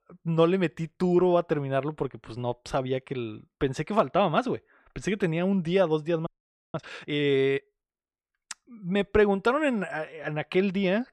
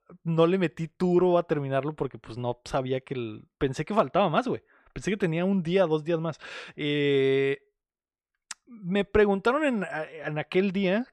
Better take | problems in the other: second | audio freezing; at 6.5 s

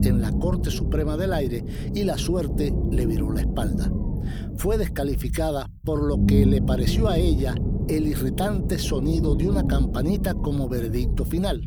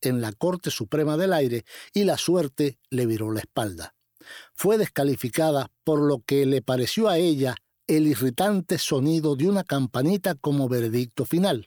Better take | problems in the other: second | low rumble; loud; throughout; 5 dB below the speech

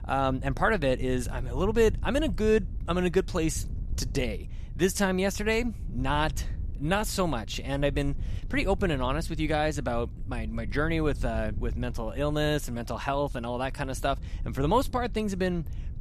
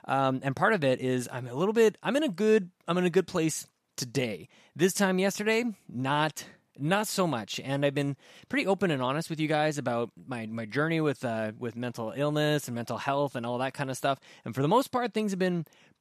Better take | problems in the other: second | wind noise on the microphone; occasional gusts; 25 dB below the speech

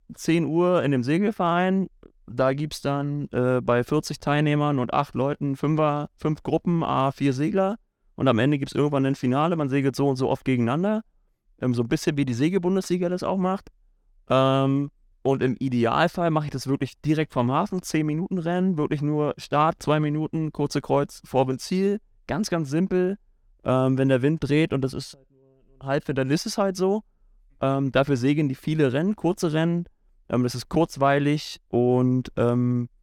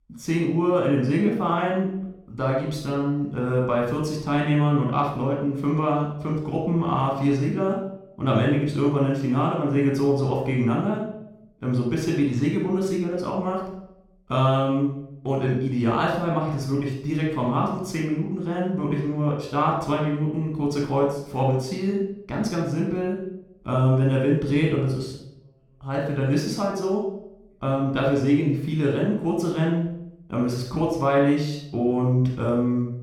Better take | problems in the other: first | off-mic speech; somewhat distant // room echo; noticeable; dies away in 0.6 s

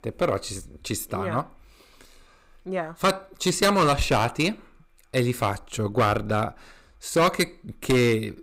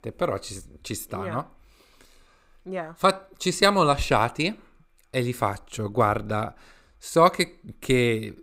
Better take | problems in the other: second | distortion; heavy; 4% of the sound clipped

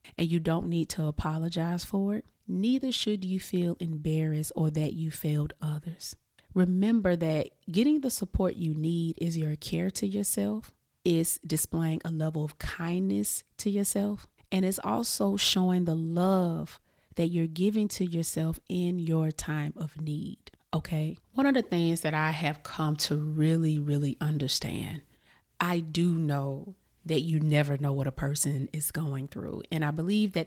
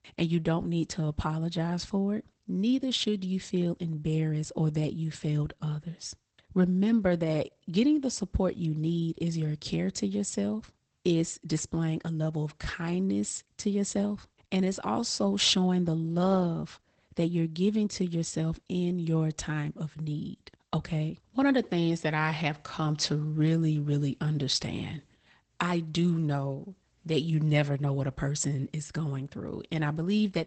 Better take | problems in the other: first | garbled, watery; badly; nothing above 8 kHz; slightly in the first

